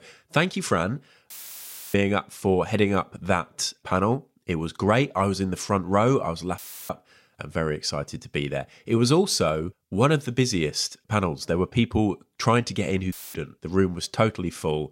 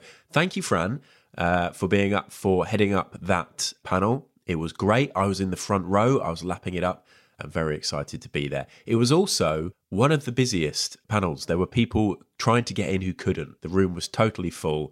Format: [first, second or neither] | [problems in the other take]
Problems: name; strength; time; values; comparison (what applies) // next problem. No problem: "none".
second | audio cutting out; filled with static; at 1.5 s for 0.5 s, at 6.5 s and at 13 s